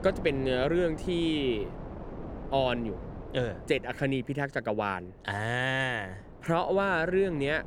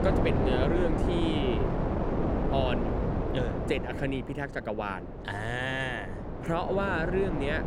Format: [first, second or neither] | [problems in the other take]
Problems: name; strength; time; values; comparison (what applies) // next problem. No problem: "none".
first | wind noise on the microphone; heavy; 2 dB below the speech; occasional gusts in the first